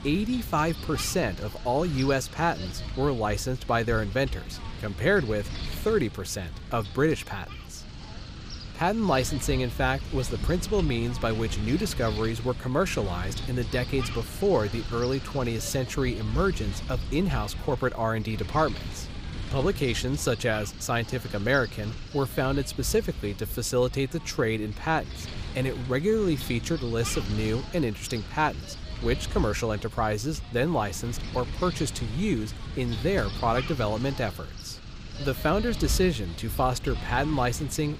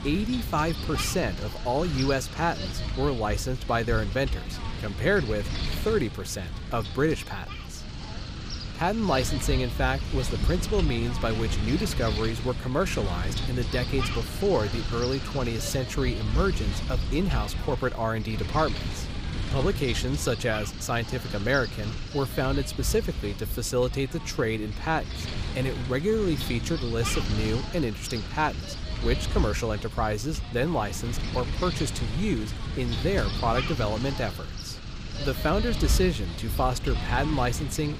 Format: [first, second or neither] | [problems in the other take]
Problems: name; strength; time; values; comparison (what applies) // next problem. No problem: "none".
first | wind noise on the microphone; heavy; 7 dB below the speech; occasional gusts in the first